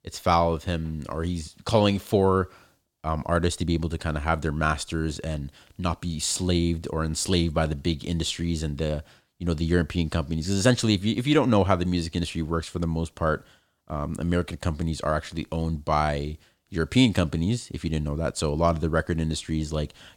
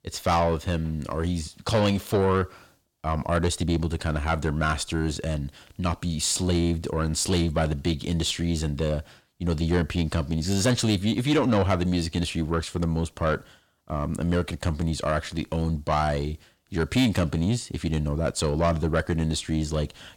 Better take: first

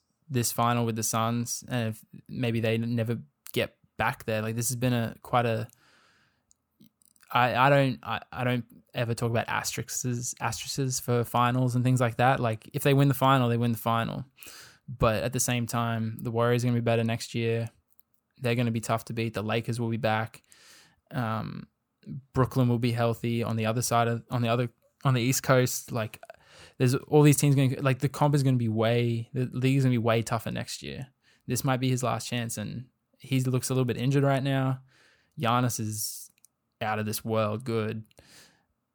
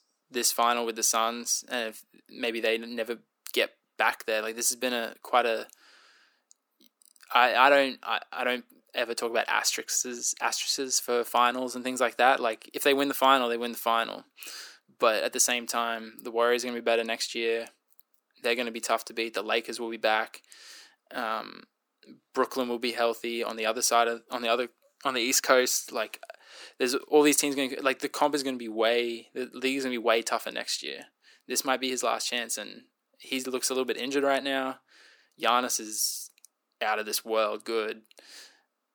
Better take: first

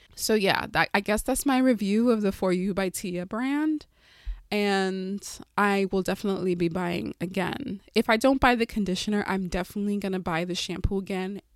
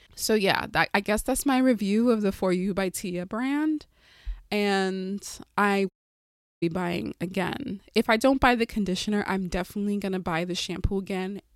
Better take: first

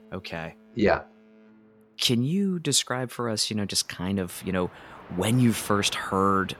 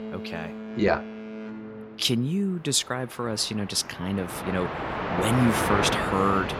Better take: first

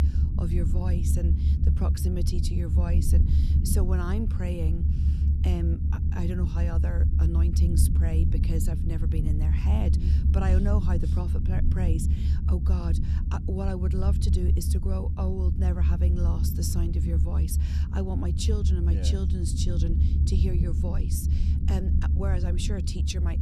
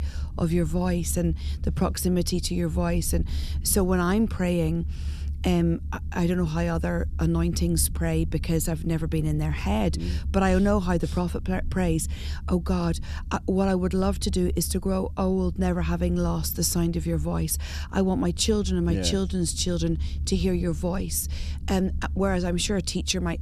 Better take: second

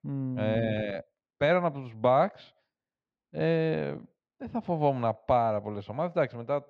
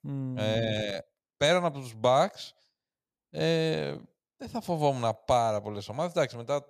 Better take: second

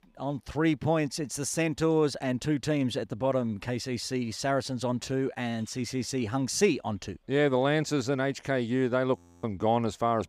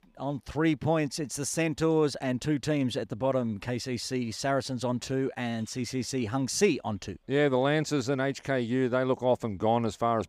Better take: second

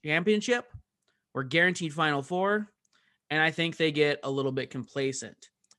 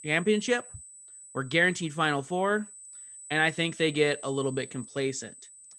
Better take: first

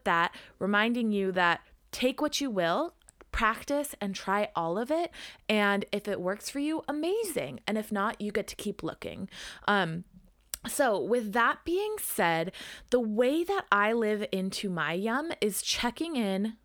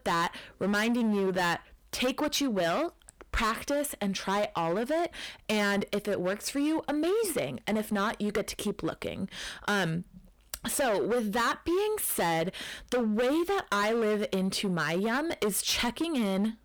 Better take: first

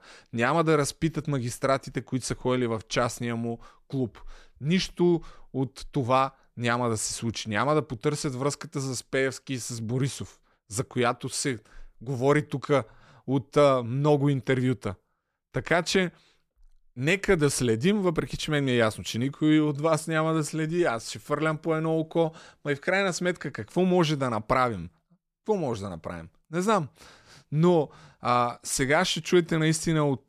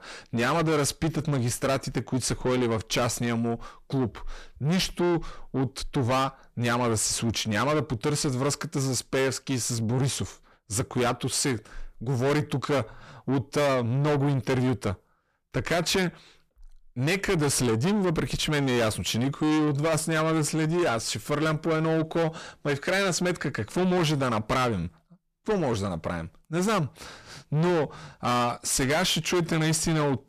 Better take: first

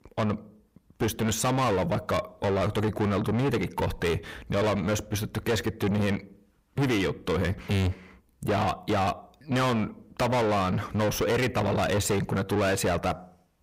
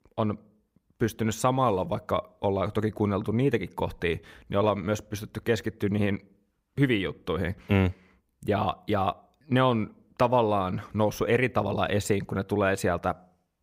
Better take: second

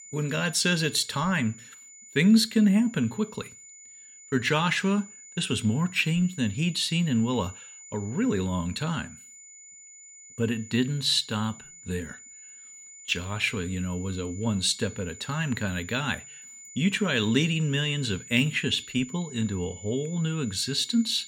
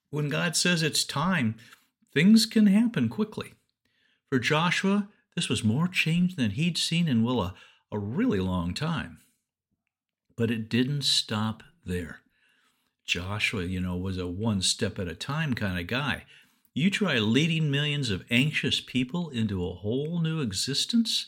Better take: second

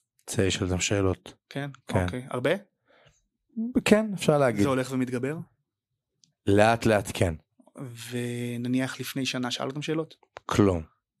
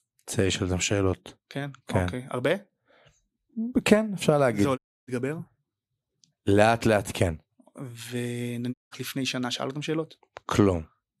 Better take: first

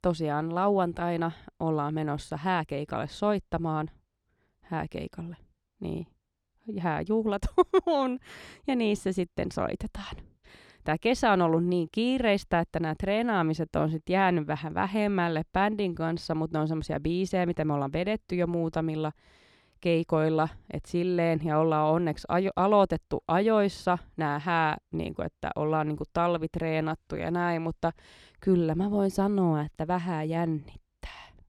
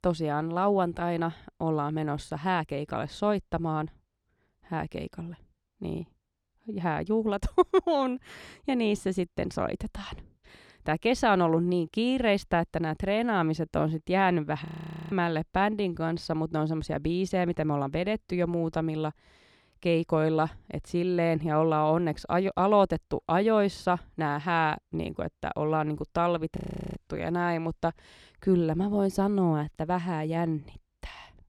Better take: first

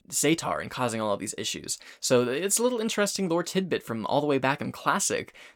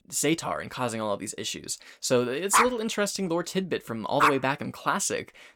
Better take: first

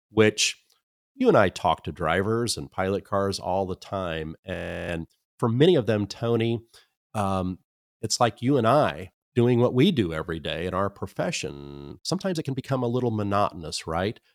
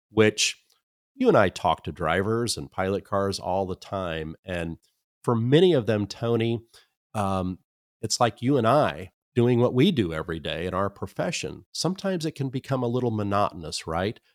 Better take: second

